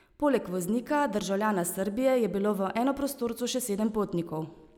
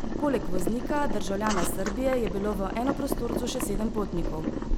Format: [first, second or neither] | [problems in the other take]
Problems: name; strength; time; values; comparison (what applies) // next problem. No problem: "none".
first | background sound (Boiling); 1 dB above the speech